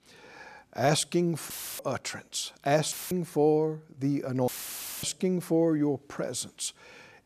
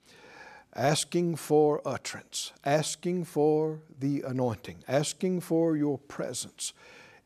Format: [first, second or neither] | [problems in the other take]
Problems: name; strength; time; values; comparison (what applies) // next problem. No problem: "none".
second | audio cutting out; filled with static; at 1.5 s, at 3 s and at 4.5 s for 0.5 s